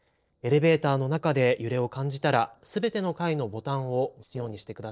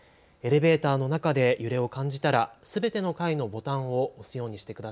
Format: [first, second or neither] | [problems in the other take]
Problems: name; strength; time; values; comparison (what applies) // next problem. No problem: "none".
second | noise reduction (neural separator model SepFormer DNS4)